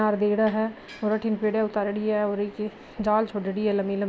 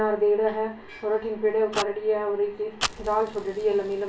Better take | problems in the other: first | background sound (Fire); 13 dB below the speech // room echo; dies away in 0.3 s

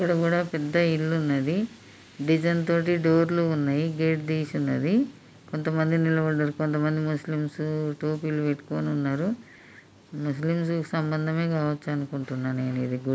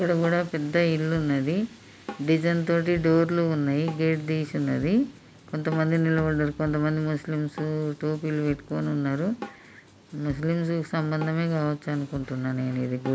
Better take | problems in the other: first | background sound (Drum kit); 19 dB below the speech

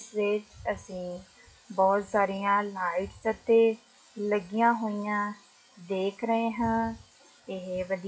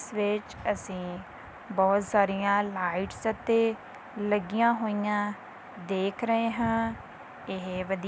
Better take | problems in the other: second | noise reduction (classical method WPE with log-MMSE)

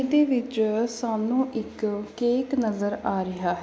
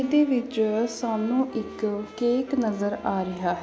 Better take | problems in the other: first | background sound (Wind instrument, woodwind instrument); 18 dB below the speech

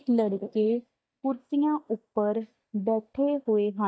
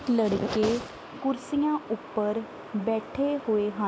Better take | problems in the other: second | noise reduction (neural mask model DeepFilterNet 3)

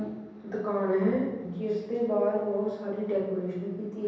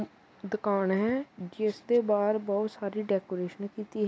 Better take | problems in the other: second | room echo; dies away in 1.1 s

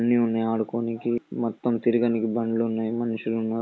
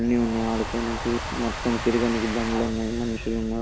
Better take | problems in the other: first | background sound (Domestic sounds, home sounds + Wind); 6 dB below the speech

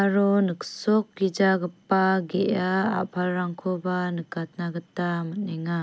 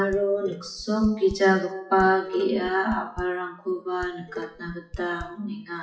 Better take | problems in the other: first | noise reduction (classical method WPE with log-MMSE)

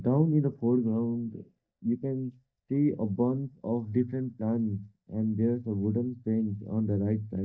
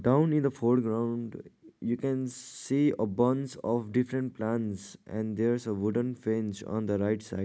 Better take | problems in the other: second | noise reduction (neural mask model DeepFilterNet 3)

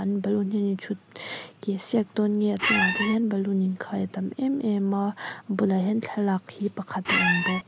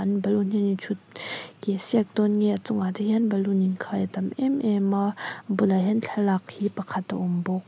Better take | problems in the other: second | background sound (Squeak); 2 dB above the speech

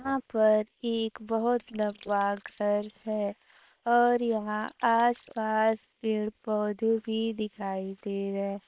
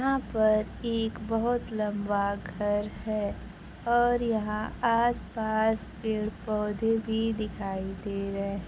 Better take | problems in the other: second | noise reduction (neural separator model SepFormer WHAM!)

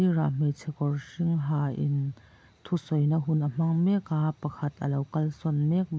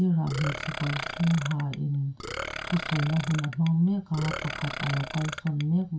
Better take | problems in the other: first | background sound (Burping, eructation); 9 dB below the speech // room echo; dies away in 0.2 s

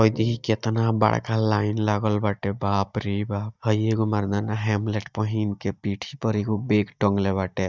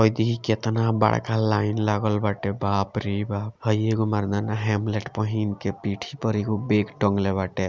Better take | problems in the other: second | noise reduction (neural mask model DeepFilterNet 3)

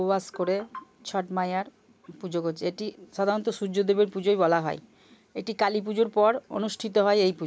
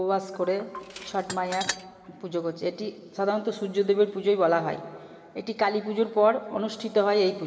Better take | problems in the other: first | background sound (Tools); 11 dB below the speech // room echo; dies away in 2.5 s

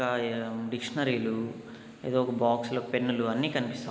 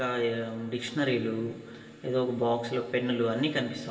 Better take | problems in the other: first | room echo; dies away in 0.1 s

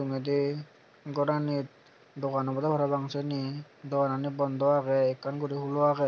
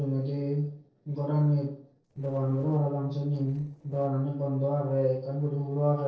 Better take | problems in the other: first | noise reduction (neural separator model SepFormer DNS4)

